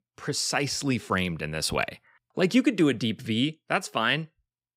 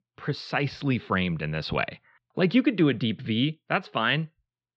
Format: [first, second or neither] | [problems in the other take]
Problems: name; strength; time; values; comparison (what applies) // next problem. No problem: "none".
first | muffled; slightly; fading above 4 kHz